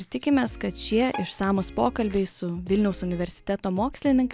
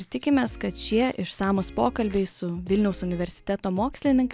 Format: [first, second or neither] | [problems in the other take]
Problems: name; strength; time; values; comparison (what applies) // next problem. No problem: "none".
second | background sound (Bowed string instrument); 18 dB below the speech